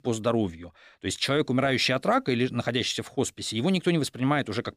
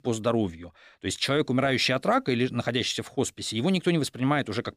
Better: neither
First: none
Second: none

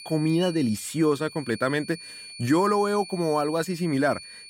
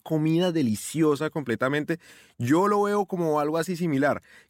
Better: second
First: high-pitched whine; noticeable; throughout; 4.5 kHz, 15 dB below the speech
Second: none

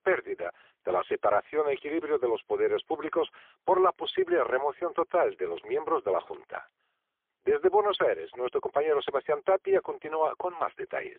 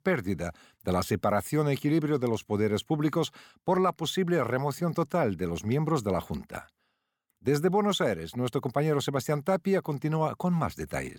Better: second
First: phone-call audio; poor line; nothing above 3.5 kHz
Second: none

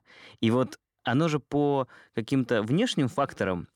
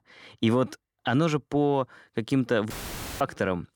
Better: first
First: none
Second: audio cutting out; filled with static; at 2.5 s for 0.5 s

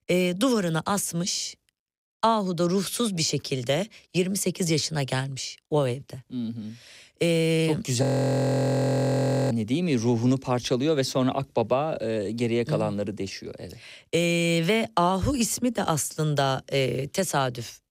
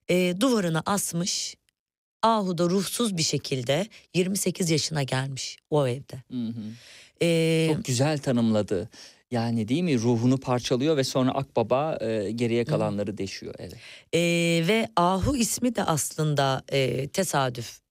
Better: second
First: audio freezing; at 8 s for 1.5 s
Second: none

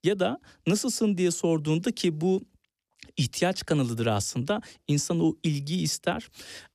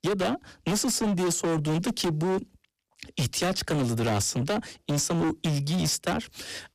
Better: first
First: none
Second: distortion; heavy; 24% of the sound clipped

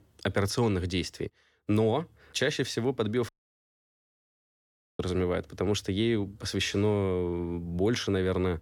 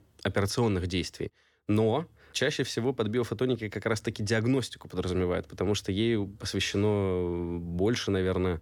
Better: second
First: audio cutting out; at 3.5 s for 1.5 s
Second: none

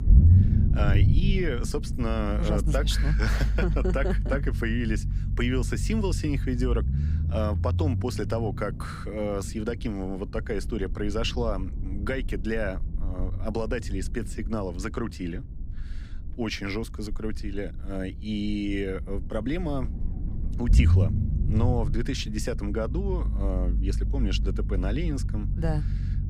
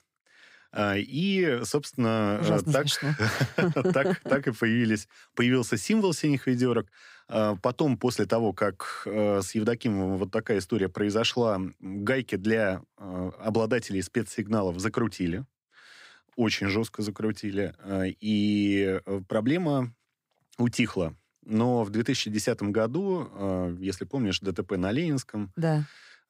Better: second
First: low rumble; loud; throughout; 10 dB below the speech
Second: none

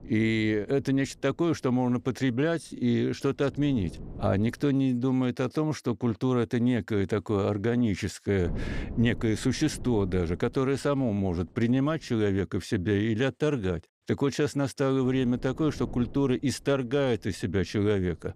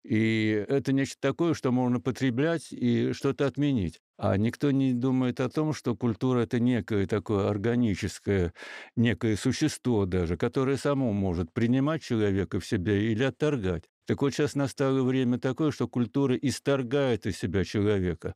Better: second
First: wind noise on the microphone; occasional gusts; until 4.5 s, from 8.5 to 12 s and from 15 s on; 20 dB below the speech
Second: none

